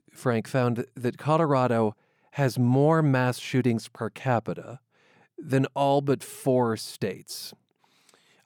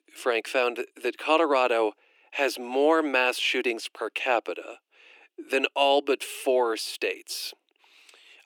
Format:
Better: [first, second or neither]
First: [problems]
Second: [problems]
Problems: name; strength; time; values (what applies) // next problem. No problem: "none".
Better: first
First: none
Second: thin; very; fading below 300 Hz